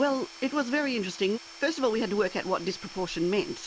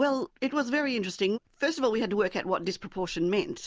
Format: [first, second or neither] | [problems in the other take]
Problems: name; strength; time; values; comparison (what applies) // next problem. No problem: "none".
second | background sound (Tools / Domestic sounds, home sounds); 17 dB below the speech